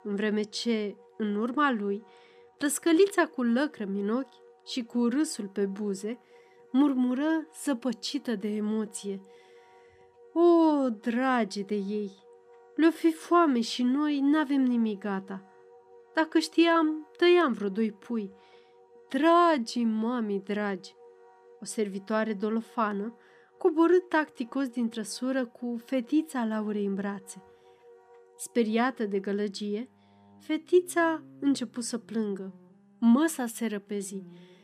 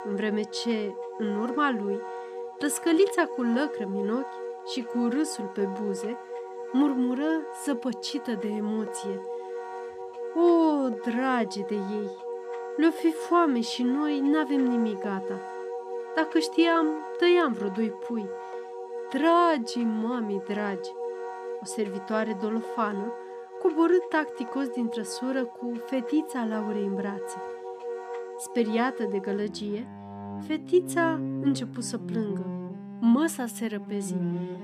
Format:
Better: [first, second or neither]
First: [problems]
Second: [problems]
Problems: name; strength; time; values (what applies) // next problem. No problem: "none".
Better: first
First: background music; faint; throughout; 30 dB below the speech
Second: background music; loud; throughout; 9 dB below the speech